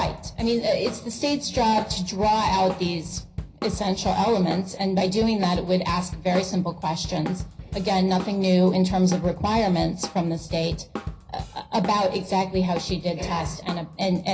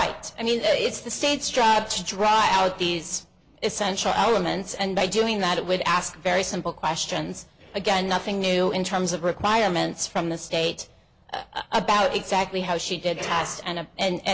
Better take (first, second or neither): second